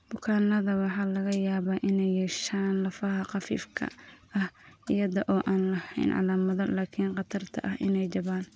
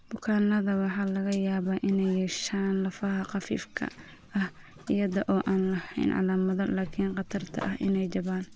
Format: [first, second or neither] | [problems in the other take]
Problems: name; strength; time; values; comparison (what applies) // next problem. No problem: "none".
first | background sound (Zipper (clothing)); 19 dB below the speech